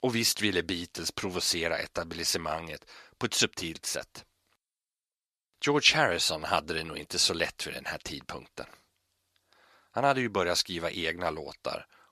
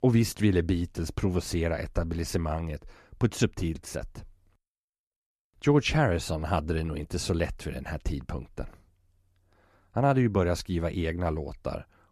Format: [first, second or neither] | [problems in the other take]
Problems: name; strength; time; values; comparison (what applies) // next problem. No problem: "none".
second | thin; somewhat; fading below 1 kHz